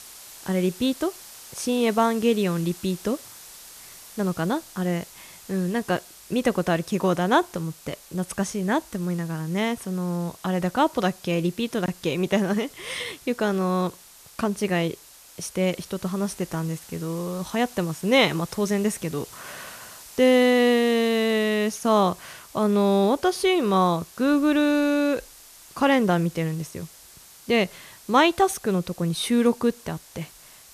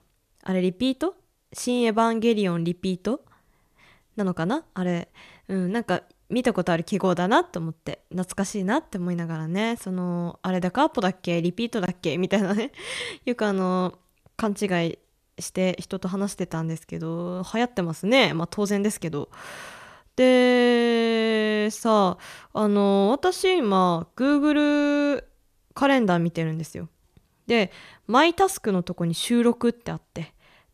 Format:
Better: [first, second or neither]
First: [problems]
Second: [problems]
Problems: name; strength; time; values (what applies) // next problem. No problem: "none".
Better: second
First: hiss; noticeable; throughout; 20 dB below the speech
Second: none